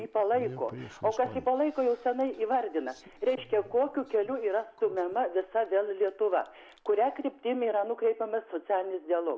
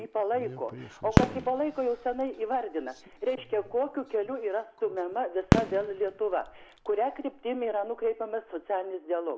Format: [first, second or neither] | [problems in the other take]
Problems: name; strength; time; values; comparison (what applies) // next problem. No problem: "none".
first | background sound (Fireworks); 2 dB below the speech